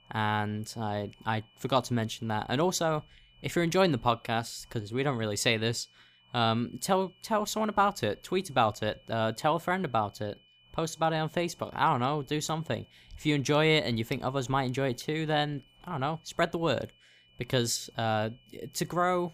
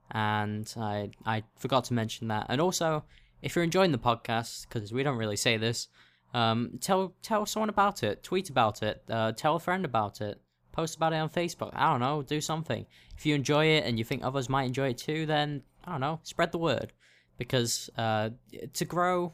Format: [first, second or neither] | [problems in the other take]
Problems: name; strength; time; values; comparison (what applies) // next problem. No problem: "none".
second | high-pitched whine; faint; throughout; 3 kHz, 30 dB below the speech